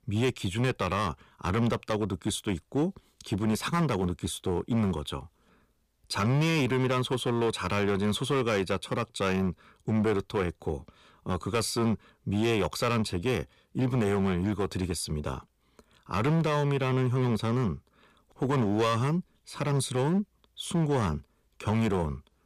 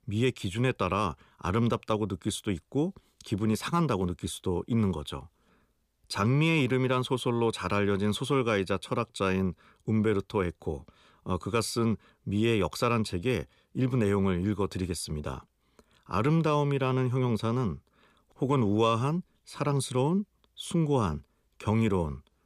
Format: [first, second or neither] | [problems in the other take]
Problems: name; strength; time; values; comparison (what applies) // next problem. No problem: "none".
second | distortion; slight; 8% of the sound clipped